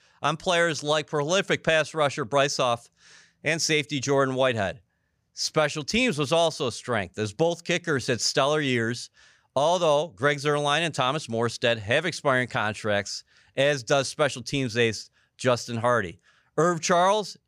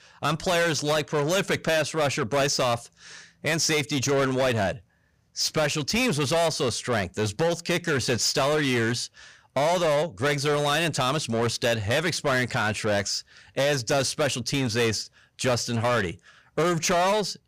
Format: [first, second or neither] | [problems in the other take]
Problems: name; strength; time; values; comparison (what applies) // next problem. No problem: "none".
first | distortion; heavy; 7 dB below the speech